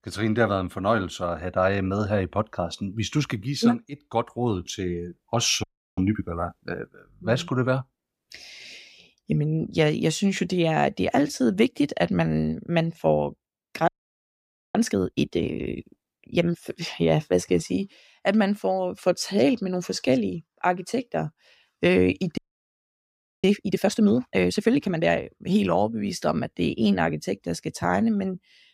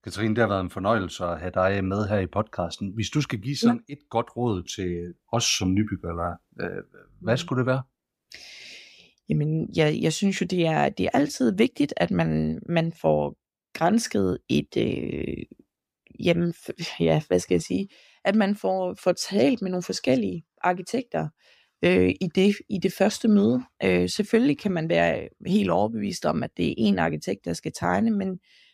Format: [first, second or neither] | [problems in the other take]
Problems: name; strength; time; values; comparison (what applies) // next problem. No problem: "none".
second | audio freezing; at 5.5 s, at 14 s for 1 s and at 22 s for 1 s